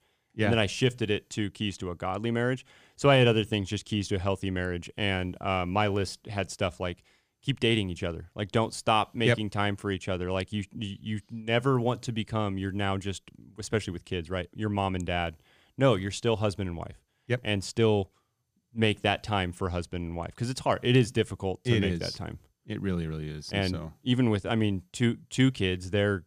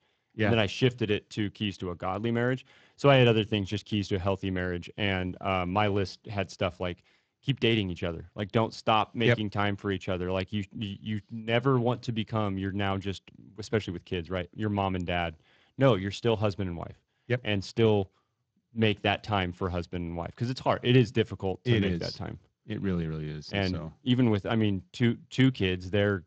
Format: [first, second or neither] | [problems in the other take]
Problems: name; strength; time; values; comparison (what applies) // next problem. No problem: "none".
first | garbled, watery; slightly; nothing above 7.5 kHz